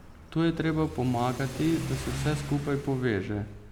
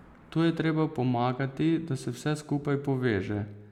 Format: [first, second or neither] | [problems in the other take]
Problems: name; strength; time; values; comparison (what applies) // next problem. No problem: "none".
second | background sound (Accelerating, revving, vroom / Car); 9 dB below the speech